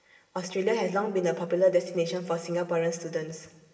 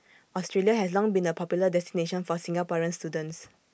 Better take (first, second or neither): second